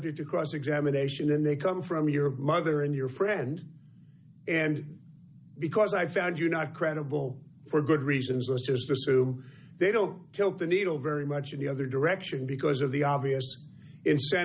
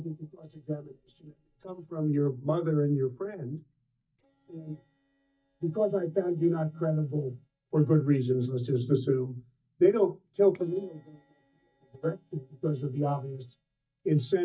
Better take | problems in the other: first | noise reduction (neural mask model DeepFilterNet 3)

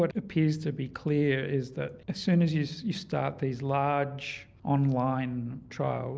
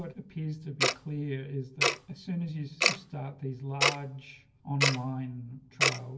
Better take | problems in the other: first | background sound (Tick-tock); 3 dB above the speech // room echo; dies away in 0.1 s

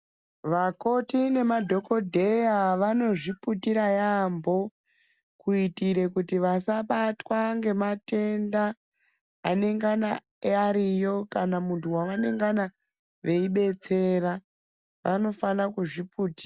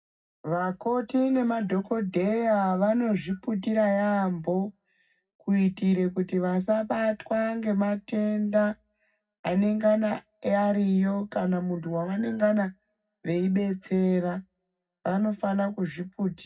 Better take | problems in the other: first | room echo; dies away in 0.4 s

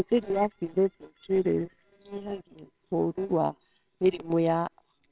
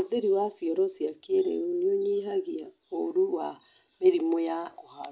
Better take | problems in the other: second | noise reduction (neural separator model SepFormer WHAMR!)

